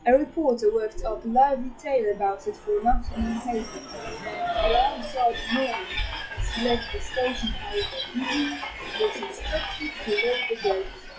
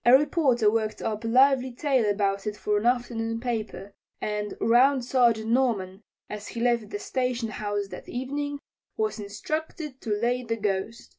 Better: second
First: noise reduction (classical method log-MMSE)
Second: none

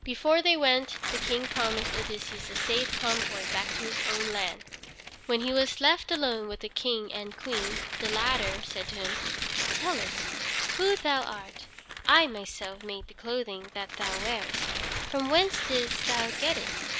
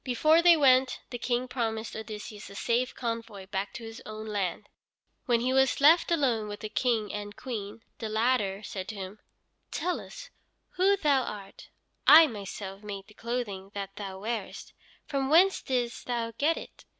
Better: second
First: background sound (Tearing); 4 dB below the speech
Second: none

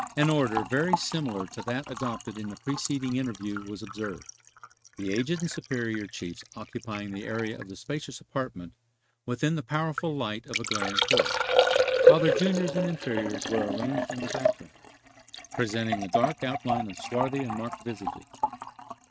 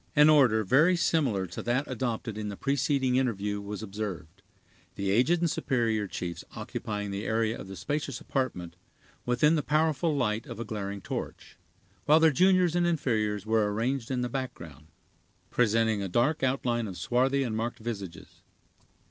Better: second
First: noise reduction (neural mask model RNNoise)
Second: none

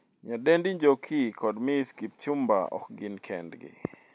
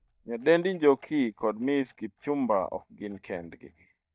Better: first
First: none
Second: noise reduction (neural mask model DeepFilterNet 3)

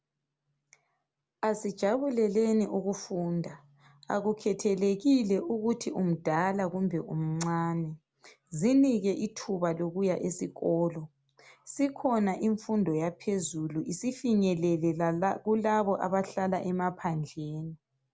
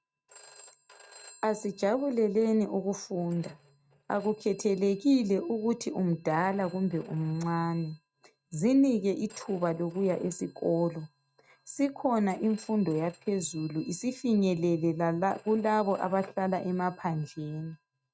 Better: first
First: none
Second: noise reduction (neural mask model RNNoise)

